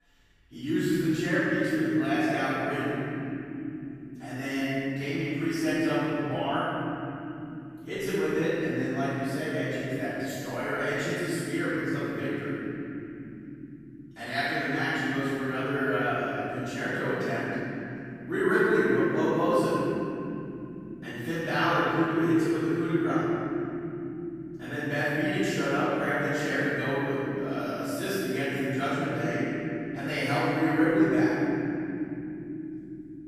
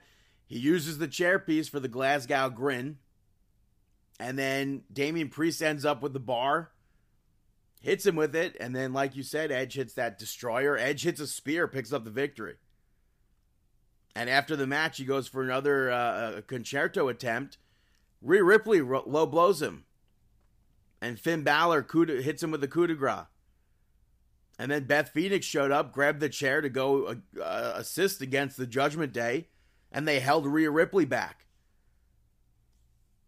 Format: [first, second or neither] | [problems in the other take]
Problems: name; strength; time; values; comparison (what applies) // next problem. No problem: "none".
second | room echo; strong; dies away in 3 s // off-mic speech; far